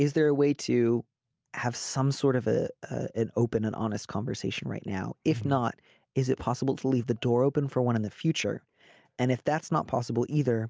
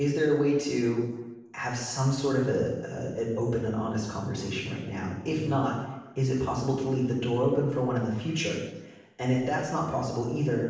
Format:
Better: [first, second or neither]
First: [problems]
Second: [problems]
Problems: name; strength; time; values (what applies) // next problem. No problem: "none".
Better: first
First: none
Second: room echo; dies away in 0.9 s